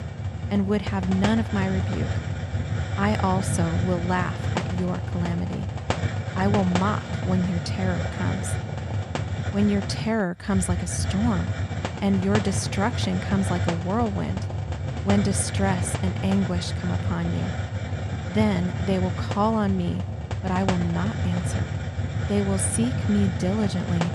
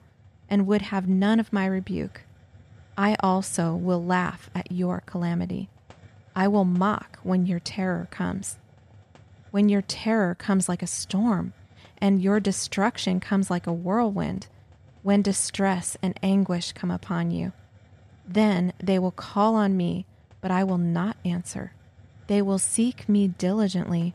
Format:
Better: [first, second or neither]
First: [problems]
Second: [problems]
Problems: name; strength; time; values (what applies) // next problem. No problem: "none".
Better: second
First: hiss; loud; throughout; 2 dB below the speech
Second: hiss; faint; throughout; 30 dB below the speech